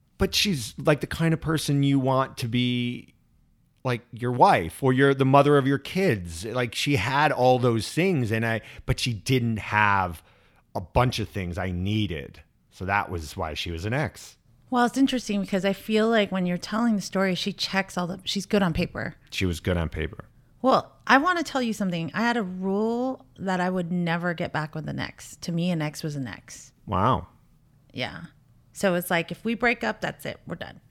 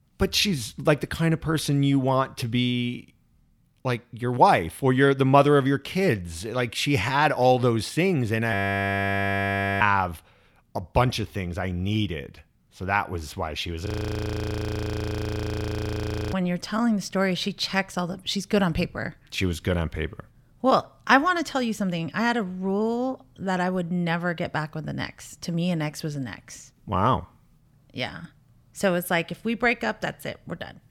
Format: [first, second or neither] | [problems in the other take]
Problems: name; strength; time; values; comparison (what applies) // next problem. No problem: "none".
first | audio freezing; at 8.5 s for 1.5 s and at 14 s for 2.5 s